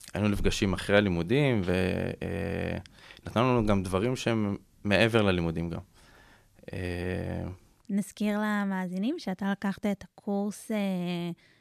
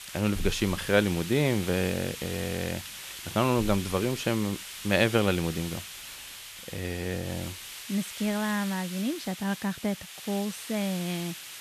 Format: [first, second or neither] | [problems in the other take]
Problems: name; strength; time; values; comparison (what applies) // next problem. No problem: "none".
first | hiss; loud; throughout; 10 dB below the speech